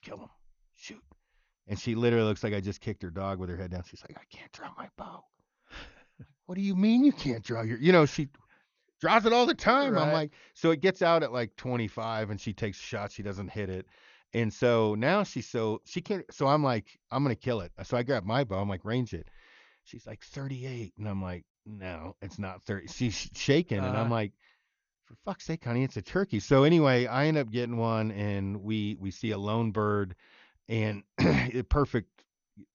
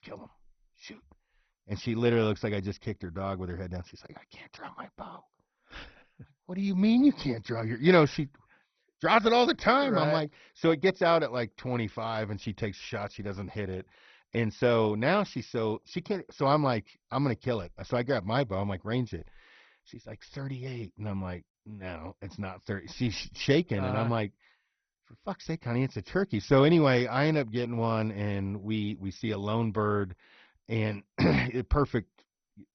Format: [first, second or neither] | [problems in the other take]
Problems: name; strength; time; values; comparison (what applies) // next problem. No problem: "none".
first | garbled, watery; badly; nothing above 6 kHz; slightly in the first